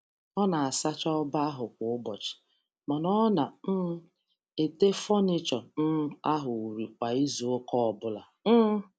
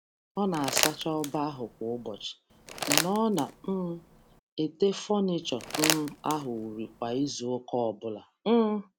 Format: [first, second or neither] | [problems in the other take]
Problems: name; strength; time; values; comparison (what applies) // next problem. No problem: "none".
first | background sound (Crumpling, crinkling); 4 dB below the speech